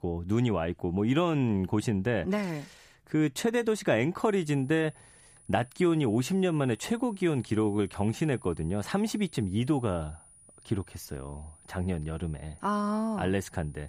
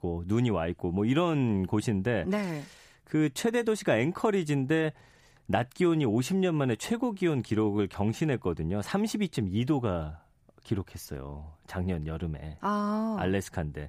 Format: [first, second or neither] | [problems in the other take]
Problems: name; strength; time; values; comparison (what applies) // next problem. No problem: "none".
second | high-pitched whine; faint; from 4 s on; 9.5 kHz, 25 dB below the speech